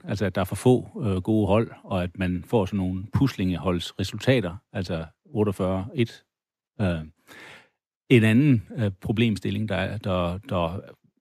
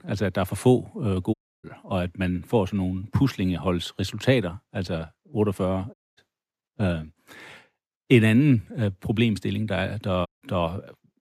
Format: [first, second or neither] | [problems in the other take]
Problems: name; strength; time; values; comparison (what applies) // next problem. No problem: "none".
first | audio cutting out; at 1.5 s, at 6 s and at 10 s